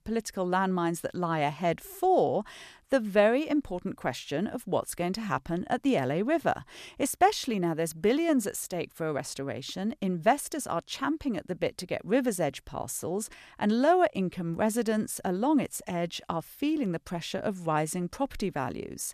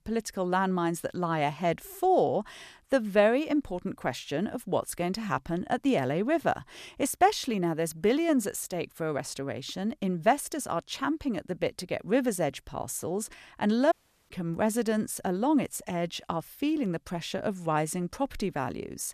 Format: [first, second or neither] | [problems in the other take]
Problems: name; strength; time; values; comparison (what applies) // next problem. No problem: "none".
first | audio cutting out; at 14 s